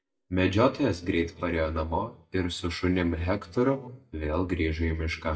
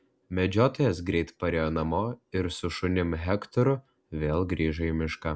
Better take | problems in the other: second | noise reduction (neural mask model DeepFilterNet 3)

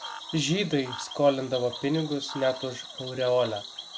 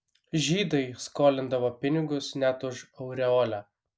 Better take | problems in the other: second | background sound (Cricket / Frog); 12 dB below the speech

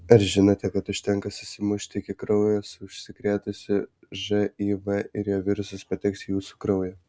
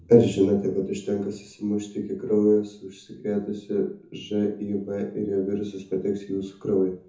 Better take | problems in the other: first | room echo; dies away in 0.6 s

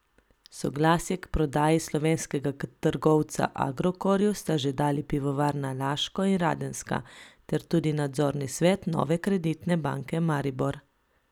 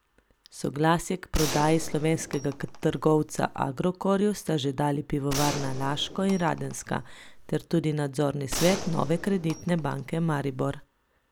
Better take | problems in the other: first | background sound (Gunshot, gunfire); 9 dB below the speech

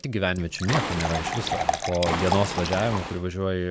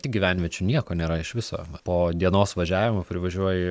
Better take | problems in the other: second | background sound (Fill (with liquid) / Water + Waves, surf); 2 dB below the speech

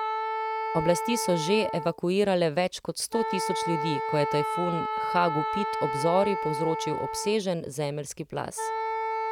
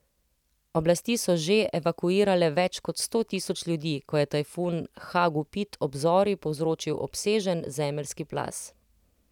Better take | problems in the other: second | background sound (Wind instrument, woodwind instrument); 3 dB below the speech

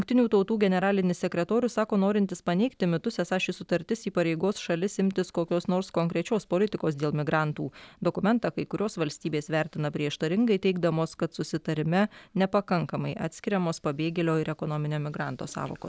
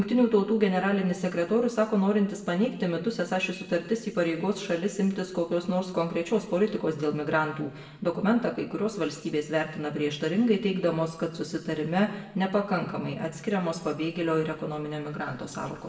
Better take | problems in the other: first | room echo; dies away in 1 s

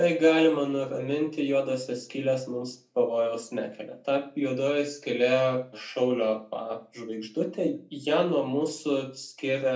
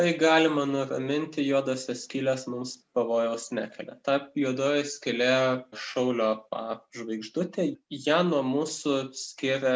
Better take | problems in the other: second | room echo; dies away in 0.3 s

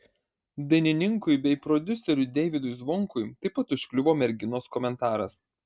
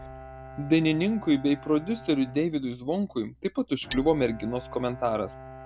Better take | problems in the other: first | background sound (Bowed string instrument + Hammer); 16 dB below the speech

